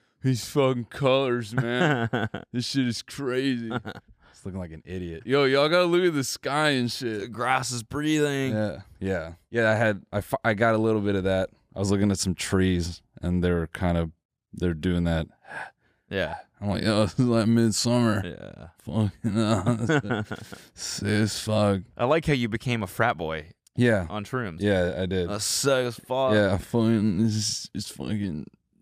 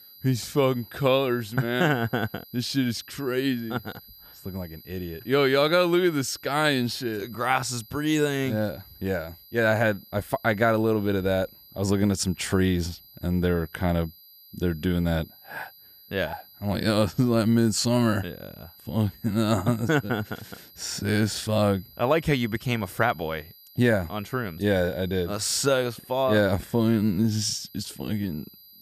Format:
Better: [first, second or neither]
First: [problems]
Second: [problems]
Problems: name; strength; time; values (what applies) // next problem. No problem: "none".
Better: first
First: none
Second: high-pitched whine; faint; throughout; 12 kHz, 20 dB below the speech